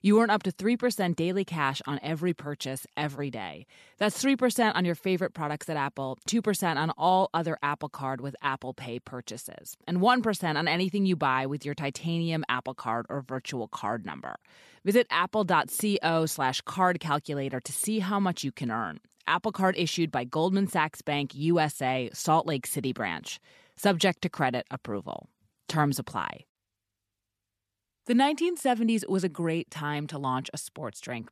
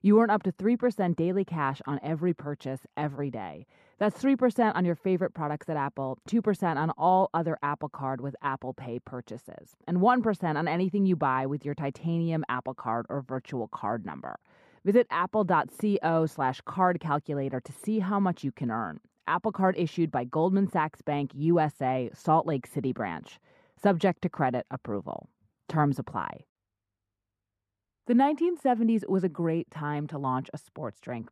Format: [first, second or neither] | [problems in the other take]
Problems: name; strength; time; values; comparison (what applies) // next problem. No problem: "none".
first | muffled; very; fading above 2.5 kHz